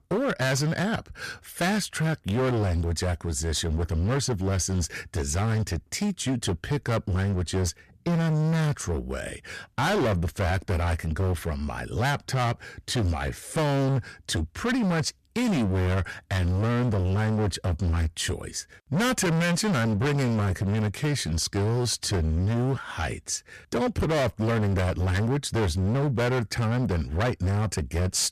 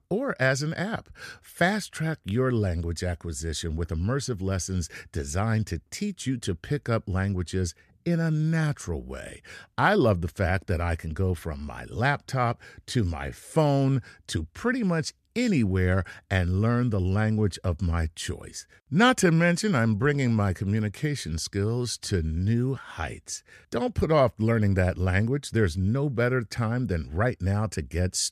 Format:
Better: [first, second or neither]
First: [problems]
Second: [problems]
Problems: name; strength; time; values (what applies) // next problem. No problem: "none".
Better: second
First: distortion; heavy; 27% of the sound clipped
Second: none